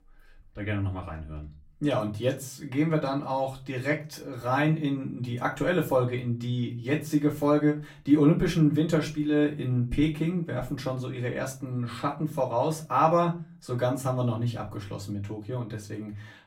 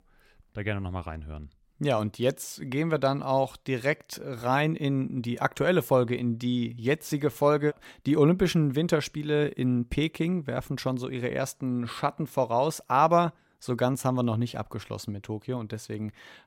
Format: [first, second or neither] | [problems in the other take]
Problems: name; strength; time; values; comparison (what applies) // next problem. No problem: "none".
second | off-mic speech; far // room echo; very slight; dies away in 0.3 s